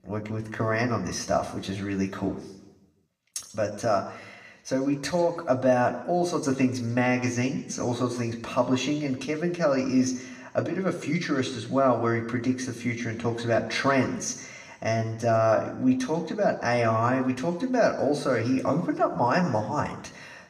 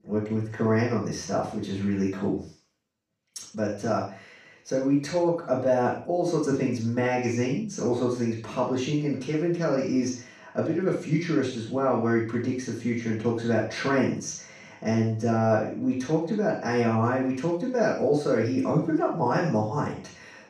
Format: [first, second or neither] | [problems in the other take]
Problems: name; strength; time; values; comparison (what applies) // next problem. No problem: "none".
first | room echo; strong; dies away in 0.4 s; slight in the first // off-mic speech; far; somewhat distant in the first